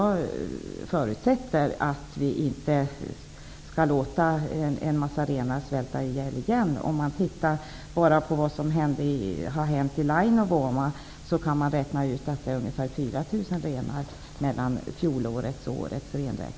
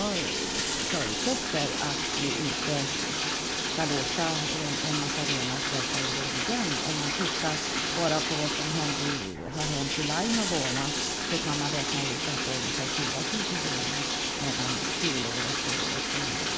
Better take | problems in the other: first | background sound (Bathtub (filling or washing)); 4 dB above the speech

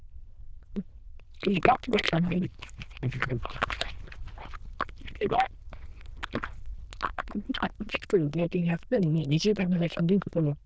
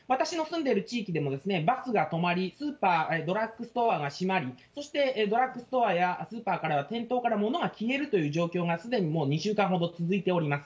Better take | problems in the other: second | noise reduction (neural diffusion model UNIVERSE++)

